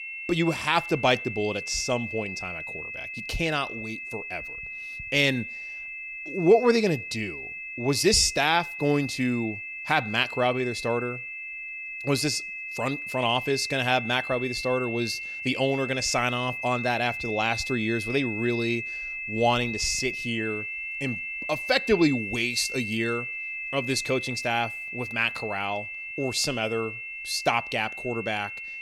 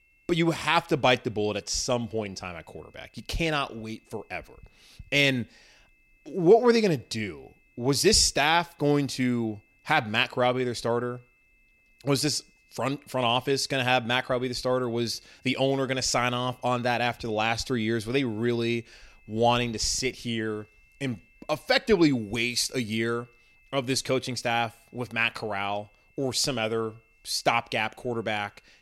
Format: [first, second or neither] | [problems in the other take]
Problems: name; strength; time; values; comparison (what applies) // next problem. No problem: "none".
second | high-pitched whine; loud; throughout; 2.5 kHz, 6 dB below the speech; faint in the second